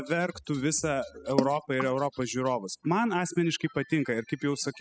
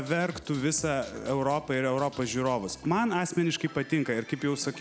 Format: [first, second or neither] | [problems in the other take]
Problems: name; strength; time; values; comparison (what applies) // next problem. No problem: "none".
second | noise reduction (classical method spectral subtraction)